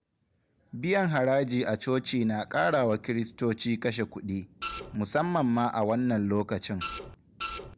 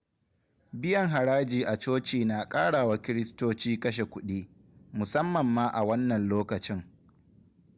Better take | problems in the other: second | background sound (Printer); 9 dB below the speech

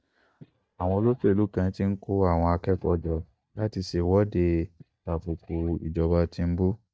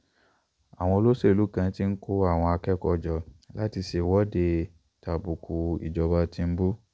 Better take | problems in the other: second | noise reduction (neural mask model DeepFilterNet 3)

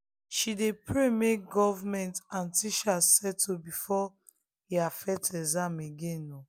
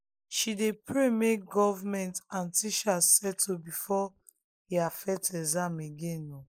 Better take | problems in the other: first | noise reduction (neural mask model Resemble Enhance denoiser)

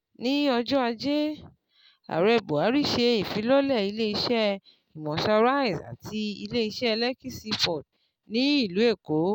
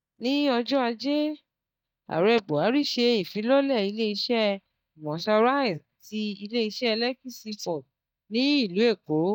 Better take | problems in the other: first | noise reduction (neural mask model DeepFilterNet 3)

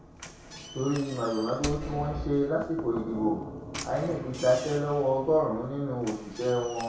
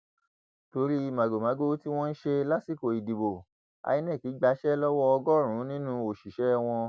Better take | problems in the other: second | background sound (Knock / Slam); 11 dB below the speech // room echo; dies away in 0.6 s

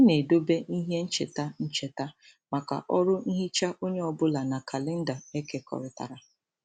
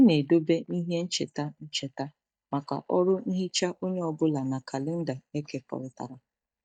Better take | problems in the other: first | noise reduction (neural mask model DeepFilterNet 3)

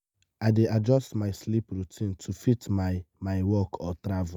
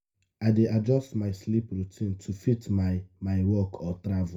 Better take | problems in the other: first | room echo; dies away in 0.2 s

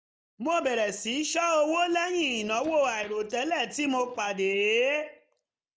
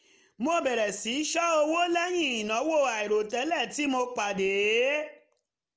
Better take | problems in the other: second | noise reduction (neural mask model DeepFilterNet 3)

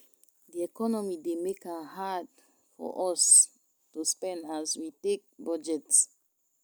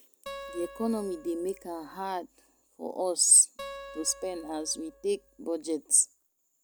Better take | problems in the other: first | background sound (Acoustic guitar); 17 dB below the speech

